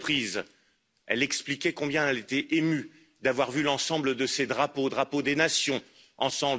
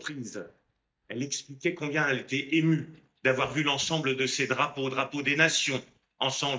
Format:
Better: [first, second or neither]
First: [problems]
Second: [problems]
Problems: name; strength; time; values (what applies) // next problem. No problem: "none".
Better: first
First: none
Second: noise reduction (neural mask model DeepFilterNet 3)